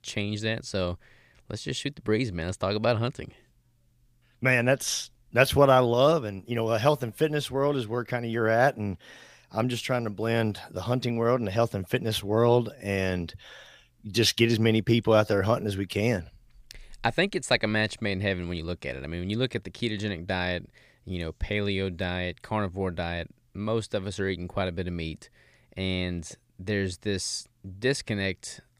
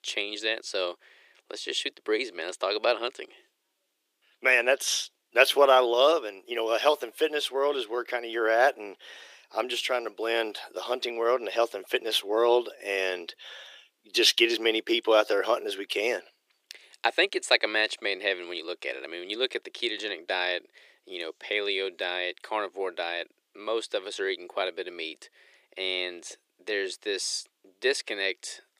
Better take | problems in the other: first | thin; very; fading below 350 Hz

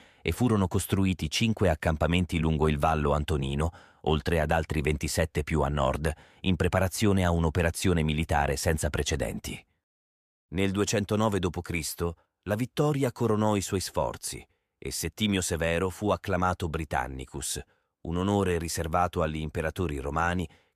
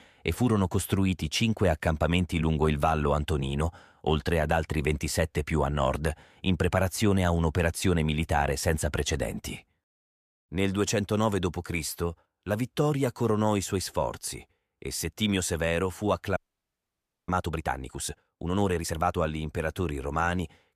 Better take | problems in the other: first | audio freezing; at 16 s for 1 s

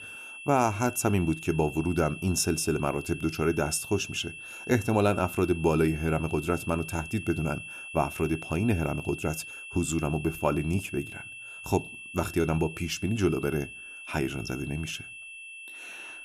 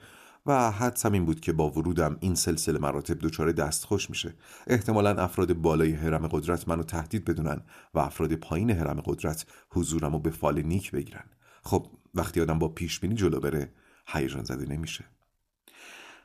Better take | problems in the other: second | high-pitched whine; noticeable; throughout; 2.5 kHz, 10 dB below the speech

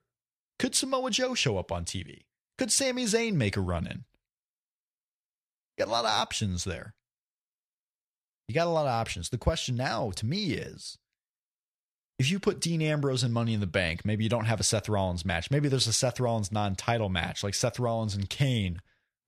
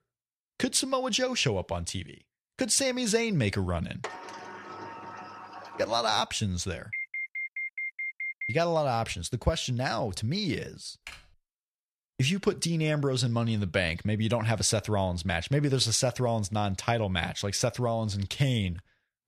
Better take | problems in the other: first | door banging; faint; from 4 to 6 s; peak 10 dB below the speech // alarm; noticeable; from 7 to 8.5 s; peak 5 dB below the speech // keyboard typing; faint; at 11 s; peak 15 dB below the speech

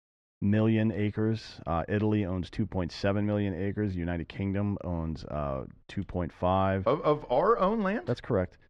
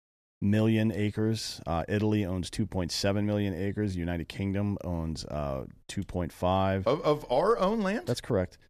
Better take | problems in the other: second | muffled; slightly; fading above 3 kHz

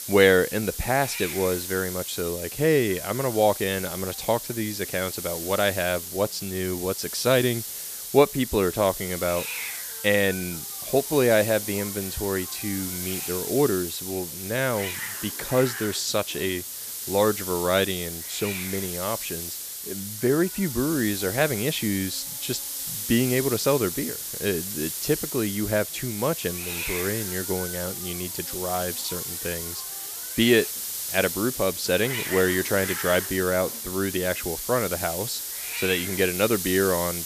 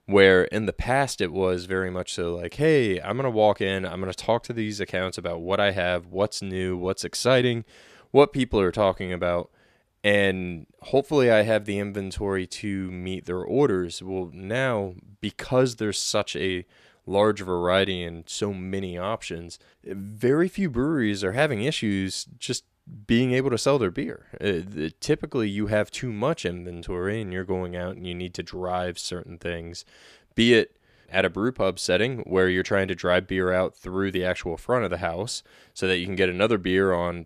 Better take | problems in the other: second | hiss; loud; throughout; 5 dB below the speech

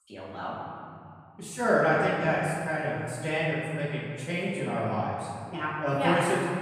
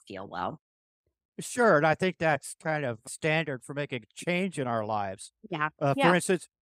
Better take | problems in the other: second | off-mic speech; far // room echo; strong; dies away in 2.3 s

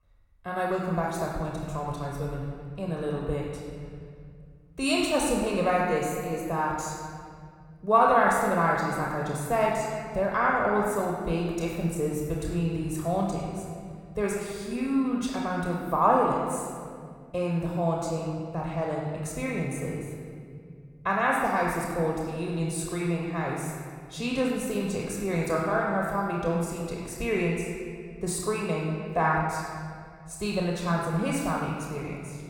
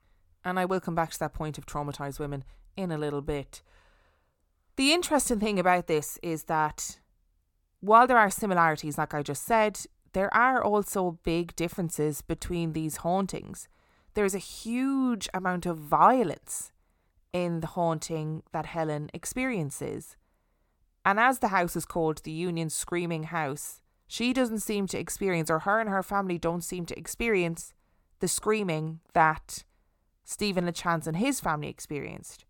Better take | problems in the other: second | off-mic speech; somewhat distant // room echo; noticeable; dies away in 2.3 s

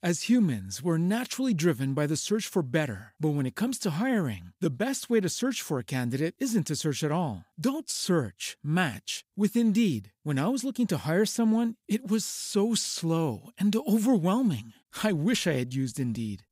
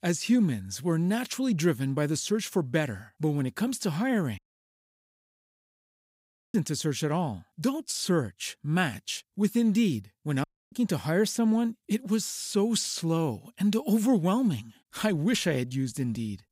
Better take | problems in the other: first | audio cutting out; at 4.5 s for 2 s and at 10 s

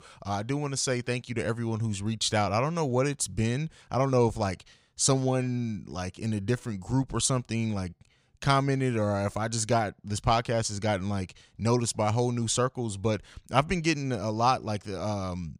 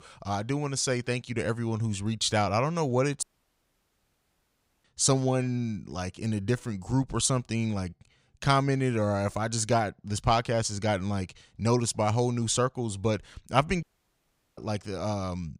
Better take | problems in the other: first | audio cutting out; at 3 s for 1.5 s and at 14 s for 0.5 s

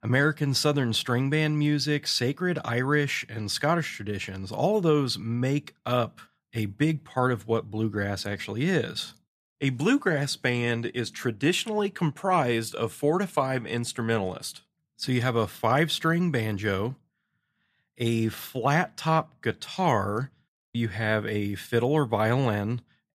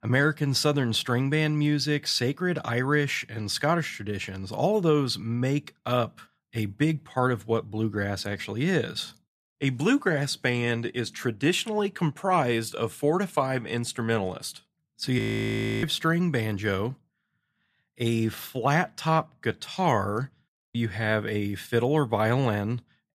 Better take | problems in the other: first | audio freezing; at 15 s for 0.5 s

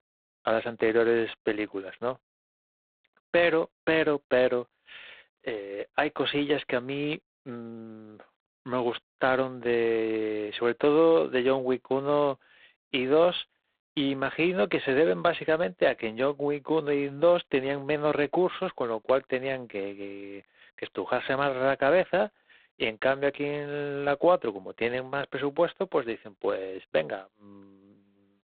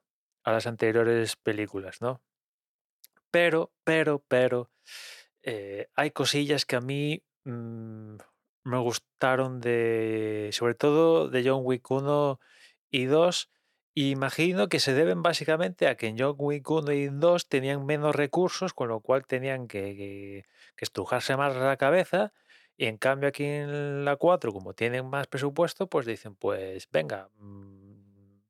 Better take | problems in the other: second | phone-call audio; poor line; nothing above 4 kHz

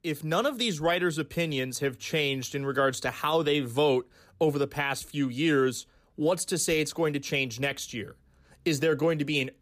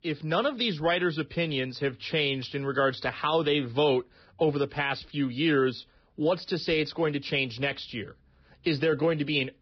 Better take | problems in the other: first | garbled, watery; badly; nothing above 5.5 kHz

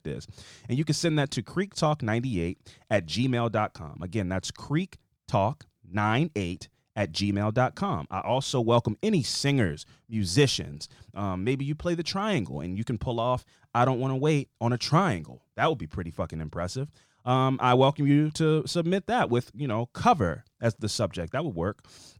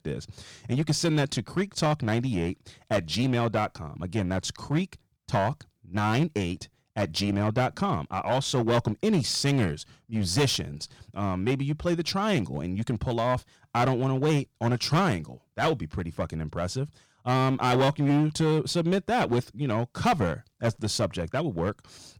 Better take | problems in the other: first | distortion; slight; 8% of the sound clipped

